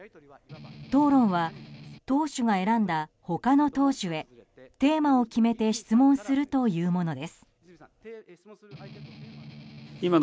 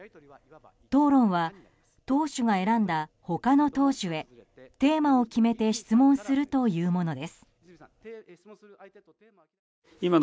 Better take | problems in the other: second | background sound (Strum); 18 dB below the speech

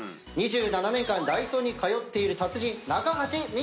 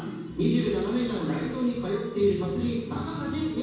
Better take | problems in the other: first | room echo; dies away in 1.2 s

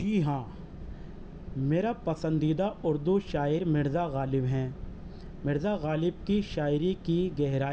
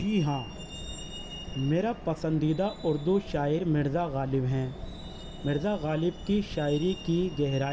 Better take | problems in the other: first | background sound (Truck); 18 dB below the speech

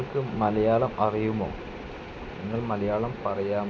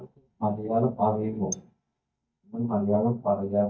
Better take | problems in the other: first | noise reduction (neural mask model DeepFilterNet 3)

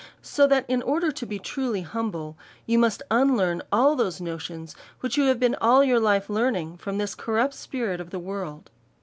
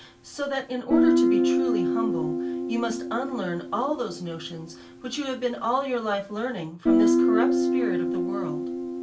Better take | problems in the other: first | background sound (Guitar); 5 dB above the speech // room echo; dies away in 0.2 s

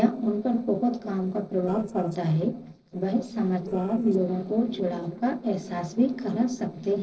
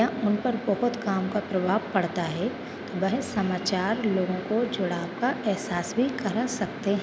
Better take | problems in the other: second | noise reduction (neural separator model SepFormer DNS4)

